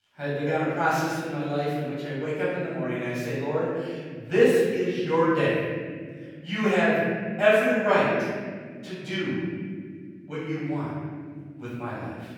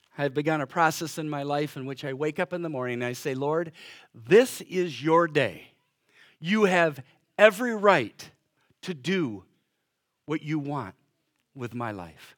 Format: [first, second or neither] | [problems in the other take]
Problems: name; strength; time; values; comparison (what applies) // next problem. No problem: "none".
second | room echo; strong; dies away in 2.1 s // off-mic speech; far